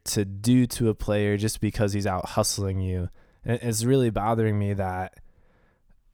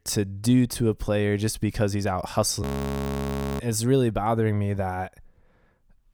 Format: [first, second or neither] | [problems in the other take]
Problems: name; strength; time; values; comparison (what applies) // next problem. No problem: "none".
first | audio freezing; at 2.5 s for 1 s